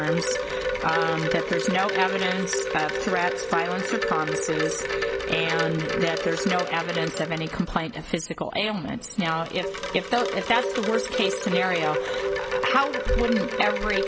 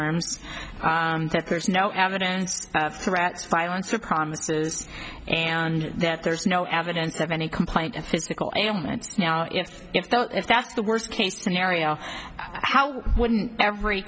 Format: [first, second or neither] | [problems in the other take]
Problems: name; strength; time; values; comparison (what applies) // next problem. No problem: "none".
second | background sound (Wind chime); 1 dB below the speech